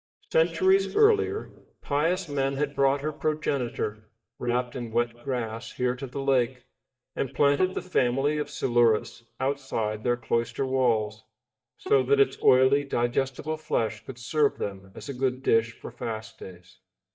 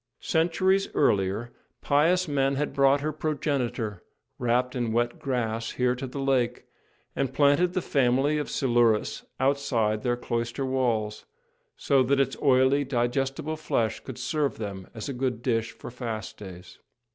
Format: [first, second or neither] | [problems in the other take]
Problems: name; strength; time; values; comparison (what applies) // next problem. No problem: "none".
second | noise reduction (neural mask model DeepFilterNet 3)